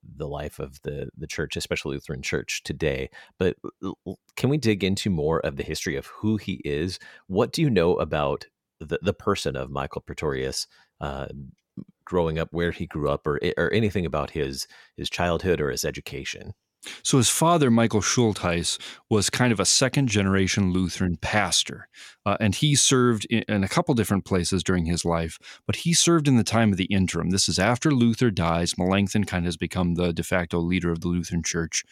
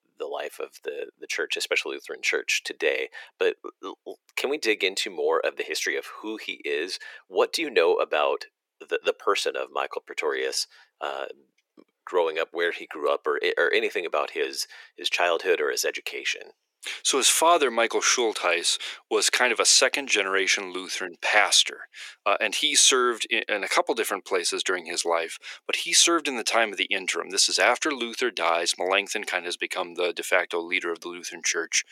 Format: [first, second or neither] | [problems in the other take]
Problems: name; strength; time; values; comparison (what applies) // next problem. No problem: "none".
first | thin; very; fading below 350 Hz